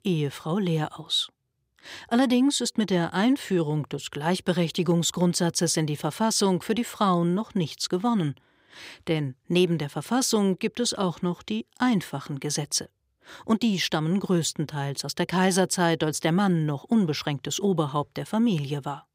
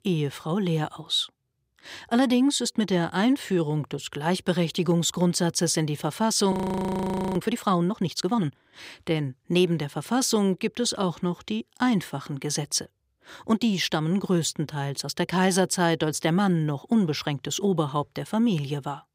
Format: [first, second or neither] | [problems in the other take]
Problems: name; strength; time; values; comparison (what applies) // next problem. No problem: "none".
first | audio freezing; at 6.5 s for 1 s